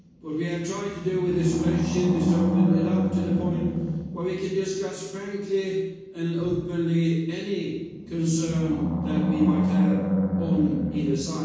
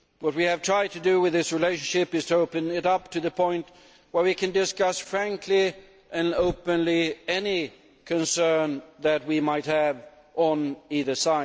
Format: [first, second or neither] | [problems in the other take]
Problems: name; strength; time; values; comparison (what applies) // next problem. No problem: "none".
second | background sound (Animal); as loud as the speech // room echo; dies away in 1.2 s